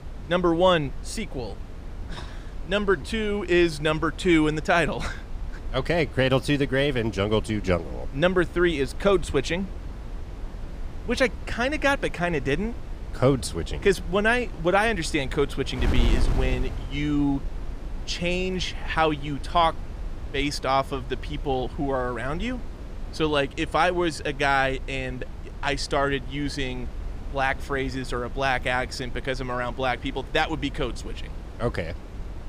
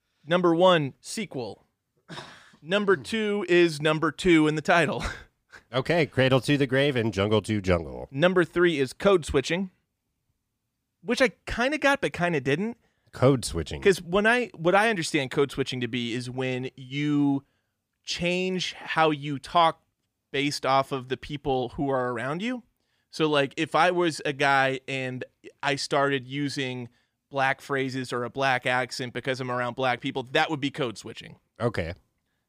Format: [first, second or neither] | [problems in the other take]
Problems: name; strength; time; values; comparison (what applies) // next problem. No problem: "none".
second | wind noise on the microphone; occasional gusts; 20 dB below the speech